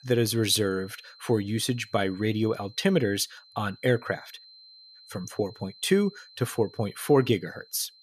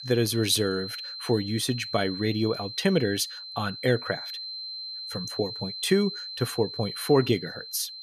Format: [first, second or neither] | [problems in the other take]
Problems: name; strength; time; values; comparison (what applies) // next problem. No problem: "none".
first | high-pitched whine; loud; throughout; 4 kHz, 8 dB below the speech; faint in the first